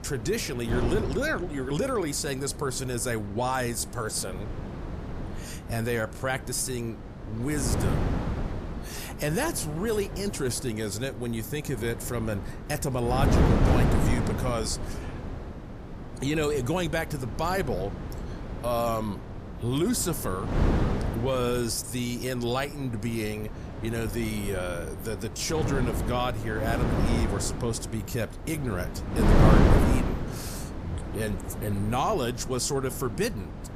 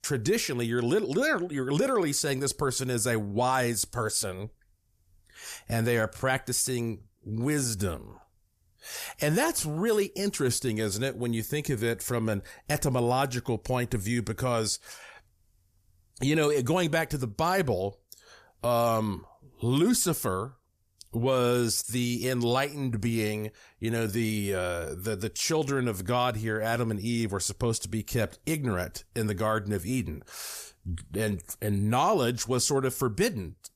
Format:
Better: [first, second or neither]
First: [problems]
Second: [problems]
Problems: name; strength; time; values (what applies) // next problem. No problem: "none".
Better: second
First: wind noise on the microphone; heavy; 5 dB below the speech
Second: none